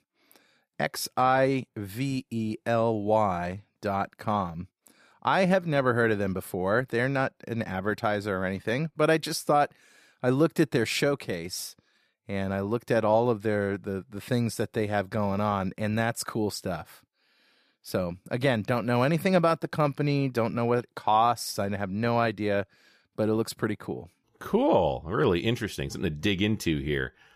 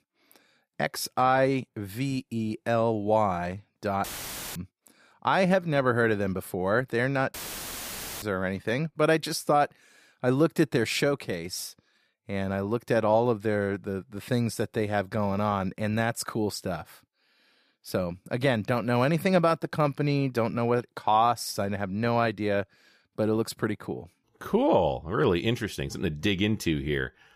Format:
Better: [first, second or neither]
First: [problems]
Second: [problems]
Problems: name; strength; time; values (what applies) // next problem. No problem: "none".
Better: first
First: none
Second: audio cutting out; filled with static; at 4 s for 0.5 s and at 7.5 s for 1 s